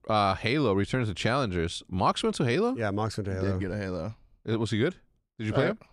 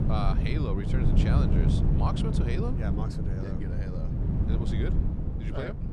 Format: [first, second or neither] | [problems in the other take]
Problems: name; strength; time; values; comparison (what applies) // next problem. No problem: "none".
first | wind noise on the microphone; heavy; as loud as the speech